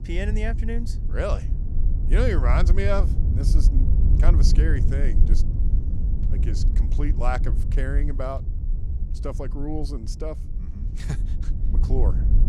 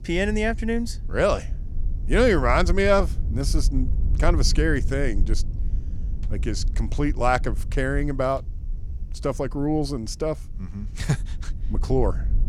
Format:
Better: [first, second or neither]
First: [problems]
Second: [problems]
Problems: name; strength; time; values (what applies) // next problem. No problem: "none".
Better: second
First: wind noise on the microphone; heavy; 9 dB below the speech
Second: wind noise on the microphone; occasional gusts; 20 dB below the speech